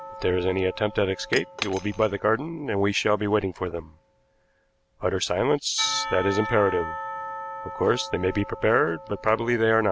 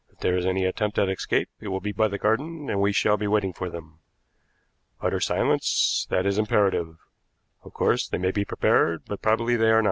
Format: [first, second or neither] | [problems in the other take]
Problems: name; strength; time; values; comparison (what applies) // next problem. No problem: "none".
second | background sound (Cutlery, silverware / Chink, clink + Church bell / Percussion); 12 dB below the speech